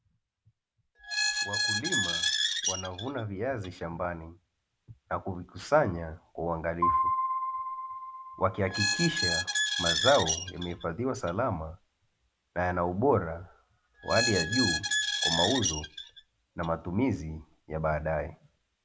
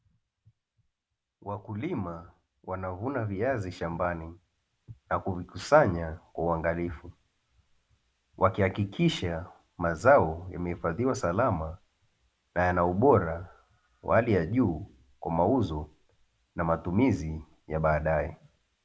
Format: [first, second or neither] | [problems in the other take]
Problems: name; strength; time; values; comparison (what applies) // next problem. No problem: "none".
second | background sound (Squeak + Piano); 1 dB above the speech